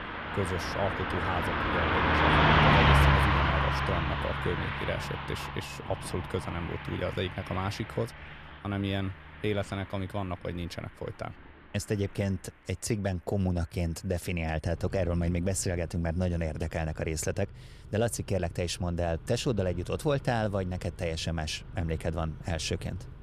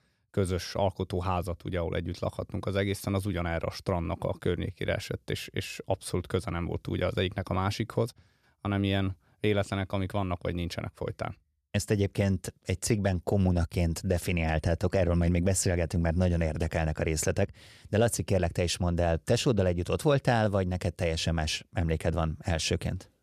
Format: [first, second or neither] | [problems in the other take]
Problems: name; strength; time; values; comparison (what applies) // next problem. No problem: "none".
second | traffic noise; very loud; throughout; 5 dB above the speech